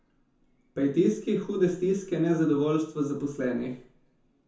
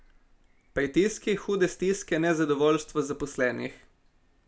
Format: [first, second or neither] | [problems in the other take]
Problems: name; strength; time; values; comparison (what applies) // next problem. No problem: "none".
second | room echo; dies away in 0.6 s